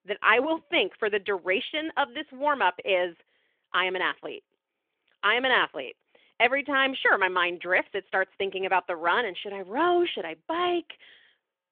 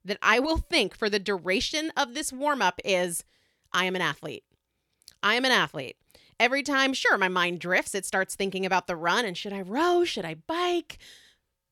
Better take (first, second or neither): second